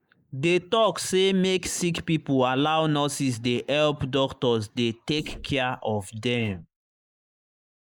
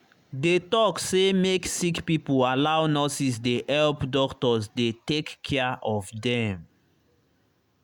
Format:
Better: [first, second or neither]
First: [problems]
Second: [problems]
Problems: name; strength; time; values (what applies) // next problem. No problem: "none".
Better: second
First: noise reduction (neural mask model Resemble Enhance denoiser)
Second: none